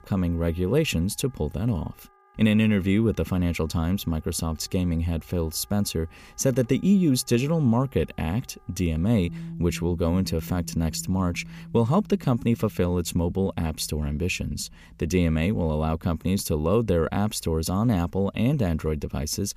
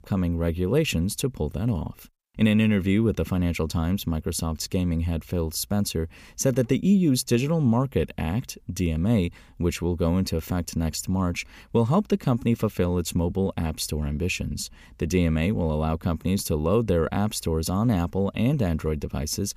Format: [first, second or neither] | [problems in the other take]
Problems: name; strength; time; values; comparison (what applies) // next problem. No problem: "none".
second | background music; noticeable; throughout; 15 dB below the speech